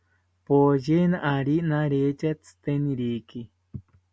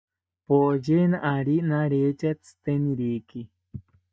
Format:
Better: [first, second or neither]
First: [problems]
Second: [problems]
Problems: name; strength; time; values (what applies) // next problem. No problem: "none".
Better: first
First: none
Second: noise reduction (neural mask model DeepFilterNet 3)